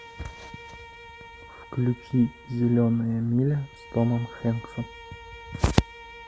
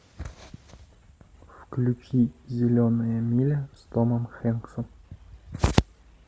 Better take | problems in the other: second | background sound (Bowed string instrument); 19 dB below the speech

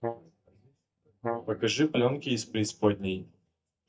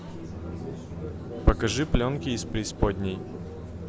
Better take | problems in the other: second | noise reduction (neural mask model DeepFilterNet 3)

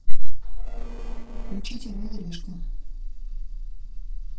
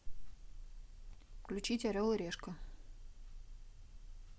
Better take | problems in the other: second | noise reduction (neural separator model SepFormer DNS4)

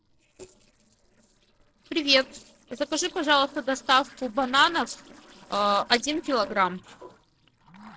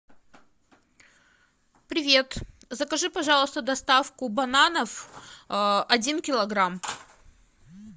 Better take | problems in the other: second | noise reduction (neural separator model SepFormer DNS4)

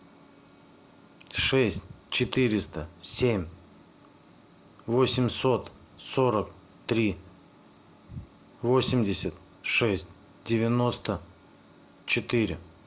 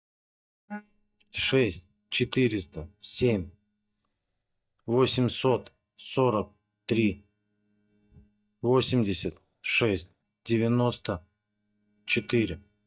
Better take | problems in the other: first | noise reduction (neural mask model DeepFilterNet 3)

